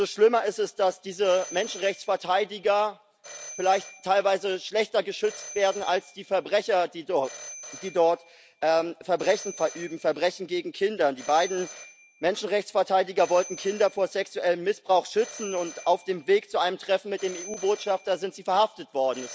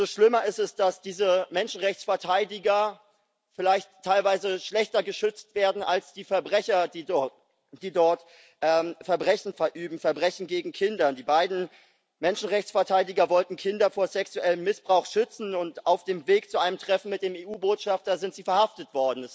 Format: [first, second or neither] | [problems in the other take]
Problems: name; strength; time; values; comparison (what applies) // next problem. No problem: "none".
second | background sound (Telephone); 19 dB below the speech